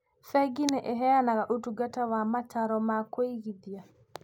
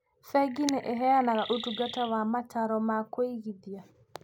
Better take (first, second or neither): first